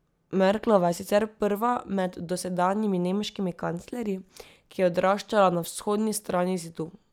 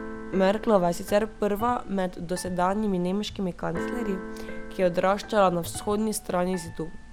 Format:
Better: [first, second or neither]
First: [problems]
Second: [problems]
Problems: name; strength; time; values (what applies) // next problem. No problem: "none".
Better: first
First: none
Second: background sound (Keyboard (musical)); 11 dB below the speech